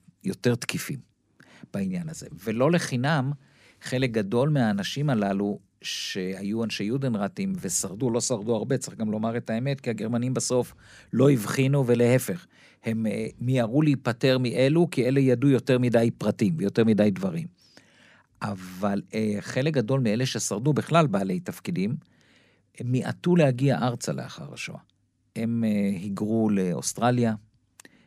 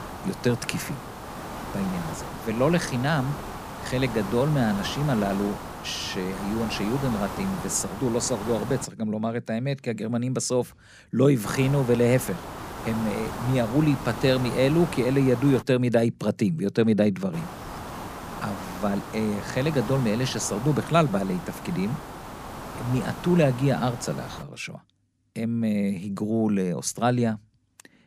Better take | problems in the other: first | hiss; noticeable; until 9 s, from 11 to 16 s and from 17 to 24 s; 10 dB below the speech

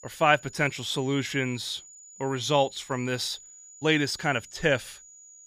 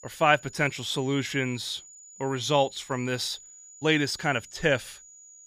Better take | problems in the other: neither | high-pitched whine; noticeable; throughout; 7 kHz, 20 dB below the speech; the same in both

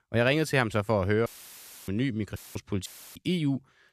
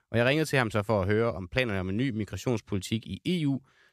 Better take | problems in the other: second | audio cutting out; filled with static; at 1.5 s for 0.5 s, at 2.5 s and at 3 s

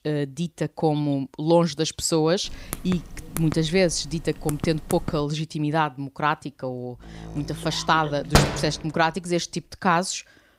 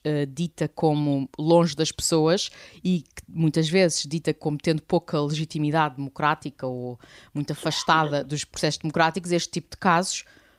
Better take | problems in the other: second | keyboard typing; noticeable; from 2.5 to 5 s; peak 9 dB below the speech // door banging; loud; at 8.5 s; peak 4 dB above the speech

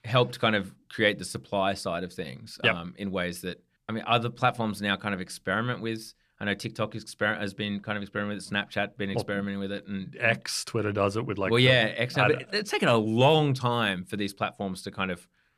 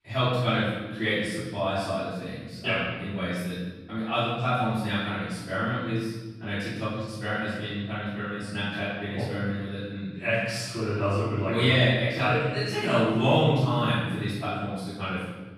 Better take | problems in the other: first | off-mic speech; far // room echo; strong; dies away in 1.5 s

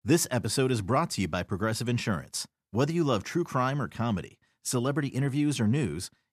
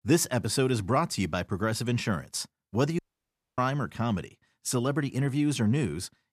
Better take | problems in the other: first | audio cutting out; at 3 s for 0.5 s

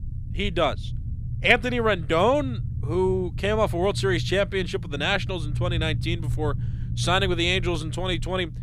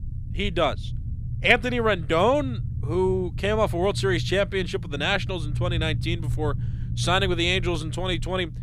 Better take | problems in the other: neither | low rumble; noticeable; throughout; 20 dB below the speech; the same in both

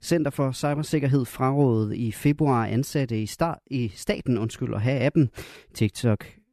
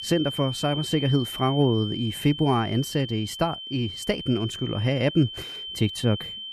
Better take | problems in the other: first | high-pitched whine; loud; throughout; 3 kHz, 8 dB below the speech

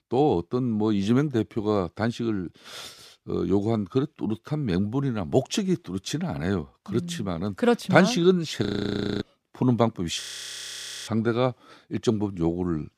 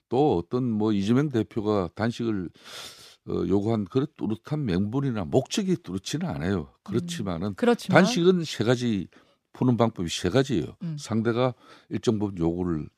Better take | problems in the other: second | audio freezing; at 8.5 s for 0.5 s and at 10 s for 1 s

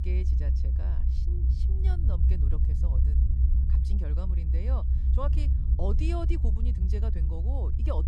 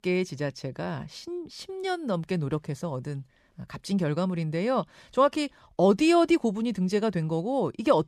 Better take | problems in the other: second | low rumble; loud; throughout; 3 dB below the speech

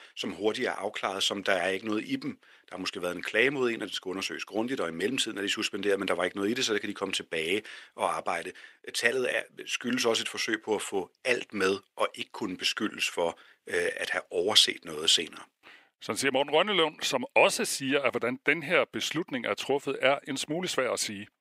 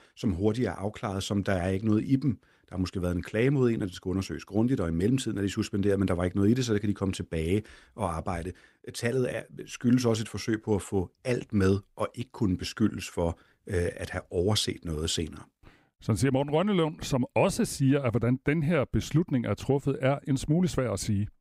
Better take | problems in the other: second | thin; somewhat; fading below 450 Hz

